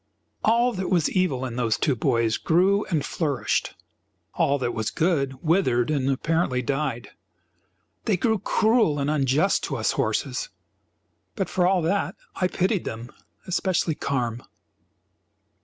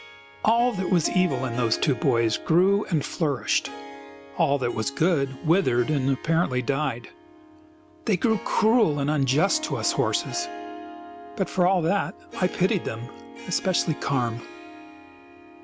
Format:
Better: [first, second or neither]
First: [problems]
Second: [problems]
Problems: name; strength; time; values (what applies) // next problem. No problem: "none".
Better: first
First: none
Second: background sound (Harp); 14 dB below the speech